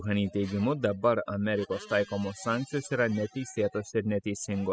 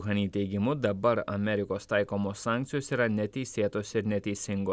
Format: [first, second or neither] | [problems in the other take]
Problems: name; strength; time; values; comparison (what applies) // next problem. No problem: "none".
second | noise reduction (classical method spectral subtraction)